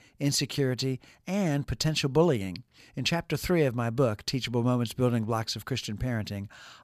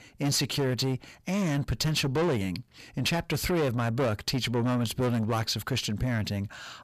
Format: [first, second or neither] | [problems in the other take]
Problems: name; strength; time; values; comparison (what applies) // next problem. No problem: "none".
first | distortion; heavy; 7 dB below the speech